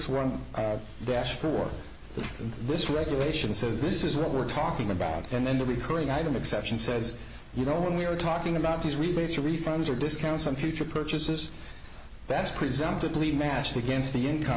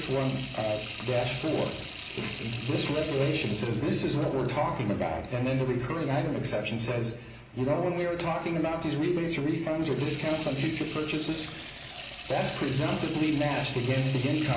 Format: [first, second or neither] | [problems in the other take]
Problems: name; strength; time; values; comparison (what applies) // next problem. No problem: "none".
first | background sound (Sink (filling or washing) / Water tap, faucet); 14 dB below the speech // room echo; dies away in 0.5 s